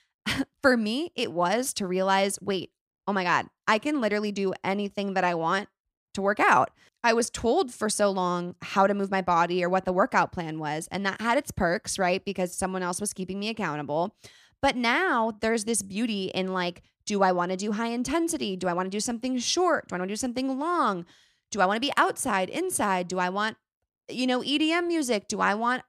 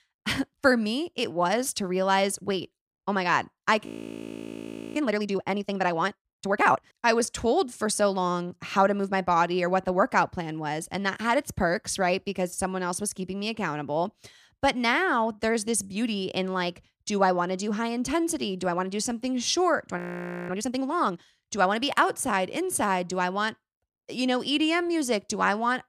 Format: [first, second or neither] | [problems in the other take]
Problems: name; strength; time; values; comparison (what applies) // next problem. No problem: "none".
first | audio freezing; at 4 s for 1 s and at 20 s for 0.5 s